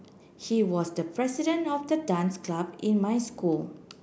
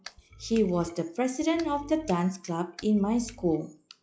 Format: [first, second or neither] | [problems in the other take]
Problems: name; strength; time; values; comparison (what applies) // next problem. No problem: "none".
first | noise reduction (classical method log-MMSE)